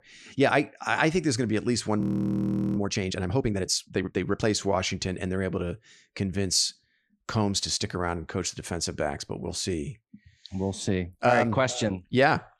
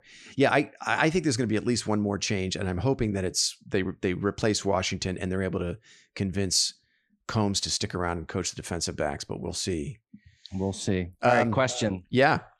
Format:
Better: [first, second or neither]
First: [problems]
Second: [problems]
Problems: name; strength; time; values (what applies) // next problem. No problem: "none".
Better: second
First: audio freezing; at 2 s for 1 s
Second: none